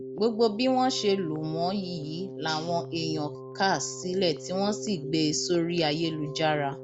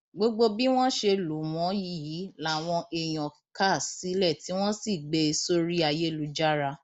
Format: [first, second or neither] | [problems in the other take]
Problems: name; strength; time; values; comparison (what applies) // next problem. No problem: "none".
second | background sound (Keyboard (musical)); 10 dB below the speech